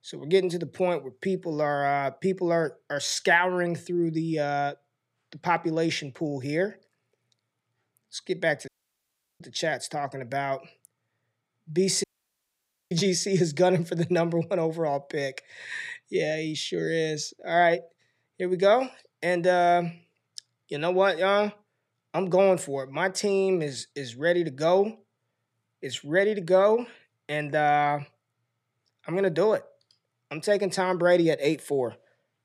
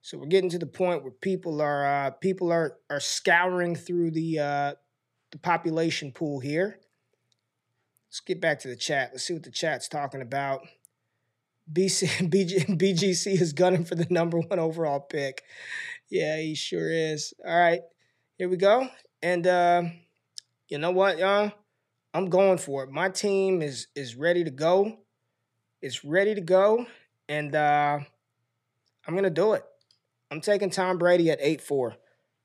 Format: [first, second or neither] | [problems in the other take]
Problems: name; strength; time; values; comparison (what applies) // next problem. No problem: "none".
second | audio cutting out; at 8.5 s for 0.5 s and at 12 s for 1 s